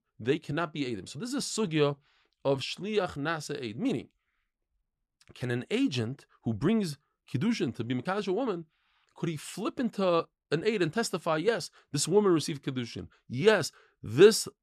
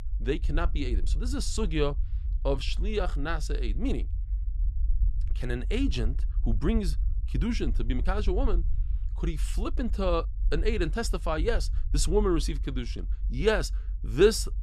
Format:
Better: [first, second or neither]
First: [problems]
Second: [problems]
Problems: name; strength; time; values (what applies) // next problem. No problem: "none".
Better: first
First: none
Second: low rumble; faint; throughout; 25 dB below the speech